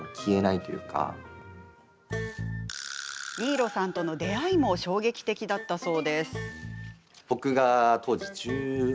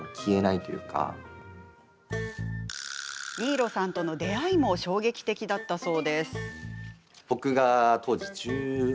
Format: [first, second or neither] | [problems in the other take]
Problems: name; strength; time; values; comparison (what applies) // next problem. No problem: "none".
second | background sound (Bell); 19 dB below the speech